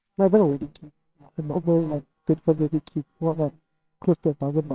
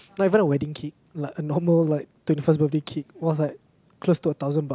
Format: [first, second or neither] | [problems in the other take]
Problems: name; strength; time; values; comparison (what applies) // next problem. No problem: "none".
second | noise reduction (neural separator model SepFormer WHAMR!)